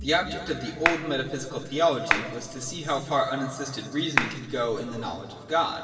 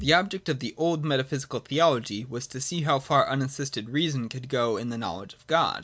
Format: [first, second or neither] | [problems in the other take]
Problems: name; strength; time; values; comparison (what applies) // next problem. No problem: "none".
second | background sound (Clapping); 3 dB below the speech // room echo; dies away in 2.3 s